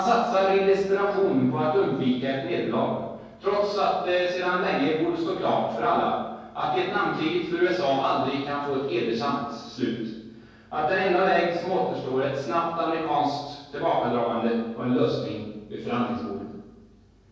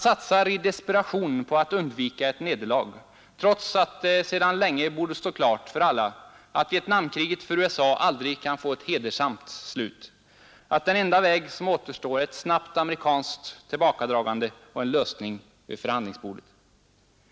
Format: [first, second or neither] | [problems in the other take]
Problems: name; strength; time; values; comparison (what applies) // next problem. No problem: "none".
second | room echo; dies away in 1.3 s